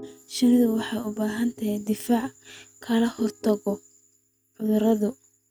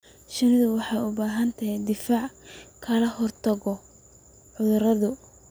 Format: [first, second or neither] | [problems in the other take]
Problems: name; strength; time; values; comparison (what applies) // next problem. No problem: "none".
second | noise reduction (neural mask model RNNoise)